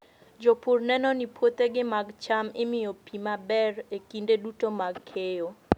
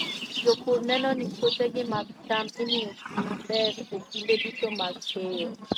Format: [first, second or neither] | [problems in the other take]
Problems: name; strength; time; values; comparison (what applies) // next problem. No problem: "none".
first | noise reduction (neural mask model RNNoise)